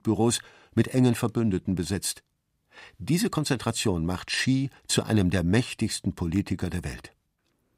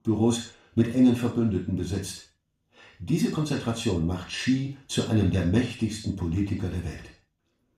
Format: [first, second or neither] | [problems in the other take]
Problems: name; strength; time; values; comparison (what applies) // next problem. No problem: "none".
first | room echo; noticeable; dies away in 0.4 s // off-mic speech; far